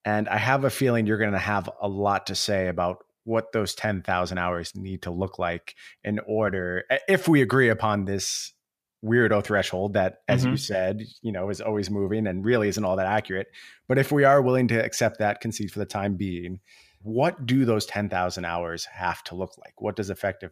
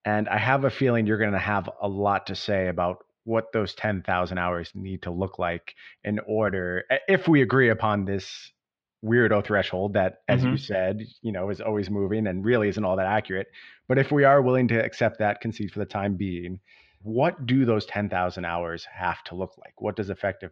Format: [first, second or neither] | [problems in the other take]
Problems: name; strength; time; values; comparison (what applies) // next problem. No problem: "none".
first | muffled; slightly; fading above 4 kHz